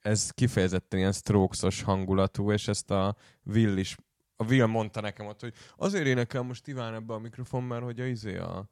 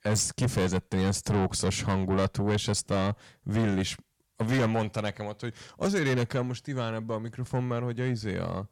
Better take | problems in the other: first | distortion; heavy; 7 dB below the speech

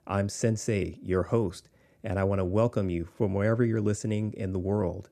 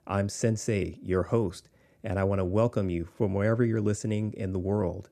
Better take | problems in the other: neither | none

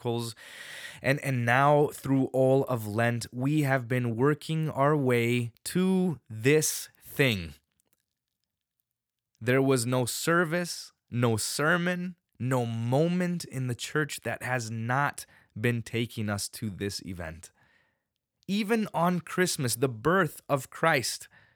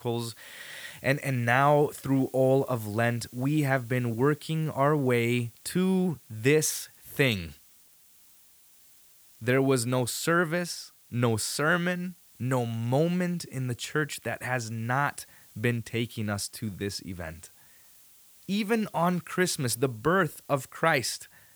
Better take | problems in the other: first | hiss; faint; throughout; 25 dB below the speech

